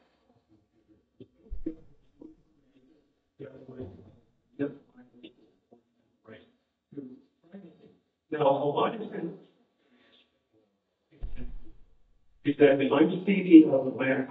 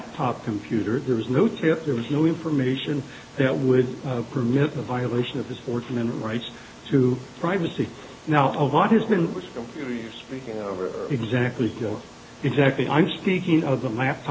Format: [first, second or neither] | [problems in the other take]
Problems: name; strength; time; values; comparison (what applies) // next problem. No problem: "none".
second | noise reduction (neural mask model DeepFilterNet 3)